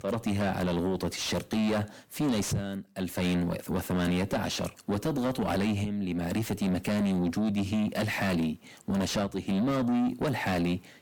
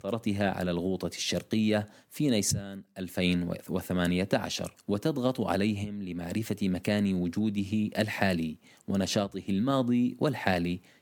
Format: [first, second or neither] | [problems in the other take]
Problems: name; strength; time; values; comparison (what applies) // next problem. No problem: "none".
second | distortion; heavy; 7 dB below the speech